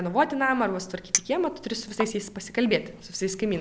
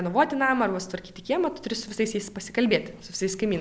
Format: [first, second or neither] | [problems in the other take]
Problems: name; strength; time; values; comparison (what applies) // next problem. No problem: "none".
second | background sound (Chink, clink); 8 dB below the speech